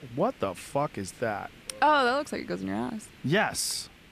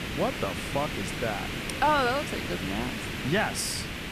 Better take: first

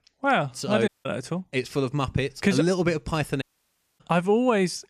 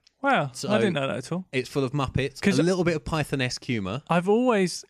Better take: second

